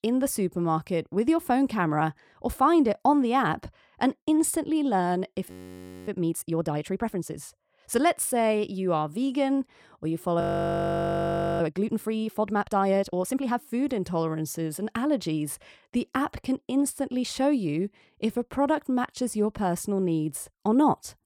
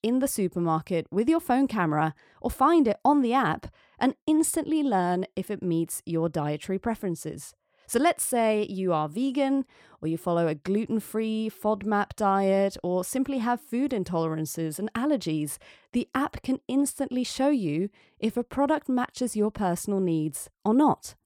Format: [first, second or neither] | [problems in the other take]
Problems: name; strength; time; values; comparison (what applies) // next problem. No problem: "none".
second | audio freezing; at 5.5 s for 0.5 s and at 10 s for 1 s